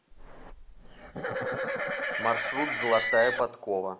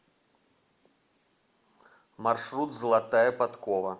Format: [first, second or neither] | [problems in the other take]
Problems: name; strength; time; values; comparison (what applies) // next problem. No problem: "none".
second | background sound (Livestock, farm animals, working animals); 1 dB below the speech